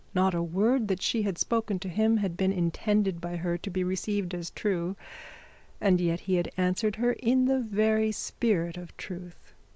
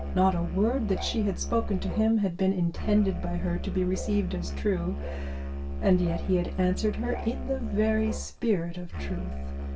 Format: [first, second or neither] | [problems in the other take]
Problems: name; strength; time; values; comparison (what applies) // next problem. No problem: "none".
first | background sound (Musical instrument); 6 dB below the speech // room echo; dies away in 0.2 s